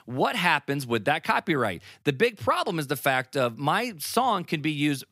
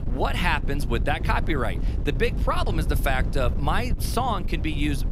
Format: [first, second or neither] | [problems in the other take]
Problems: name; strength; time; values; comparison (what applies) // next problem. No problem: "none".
first | wind noise on the microphone; occasional gusts; 15 dB below the speech